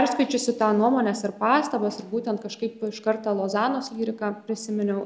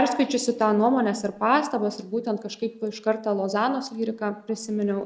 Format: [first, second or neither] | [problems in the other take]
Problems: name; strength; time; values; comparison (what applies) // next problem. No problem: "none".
first | noise reduction (neural mask model Resemble Enhance denoiser)